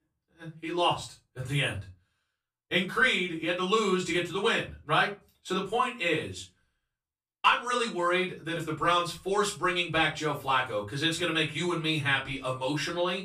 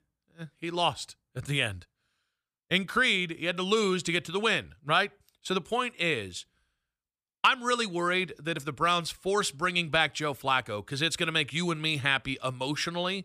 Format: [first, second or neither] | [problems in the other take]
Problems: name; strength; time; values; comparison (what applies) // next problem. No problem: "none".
second | off-mic speech; far // room echo; slight; dies away in 0.2 s